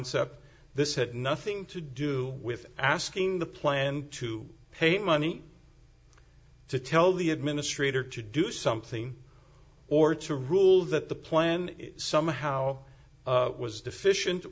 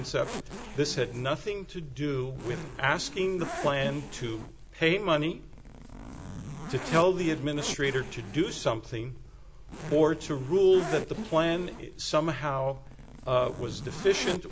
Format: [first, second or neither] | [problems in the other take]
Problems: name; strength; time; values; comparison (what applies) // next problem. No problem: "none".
first | background sound (Zipper (clothing)); 11 dB below the speech